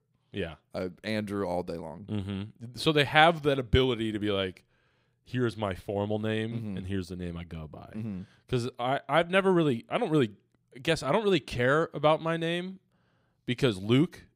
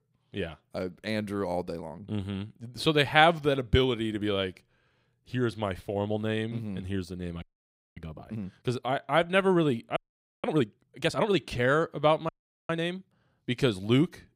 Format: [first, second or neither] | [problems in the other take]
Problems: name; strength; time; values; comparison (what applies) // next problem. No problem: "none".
first | audio freezing; at 7.5 s for 0.5 s, at 10 s and at 12 s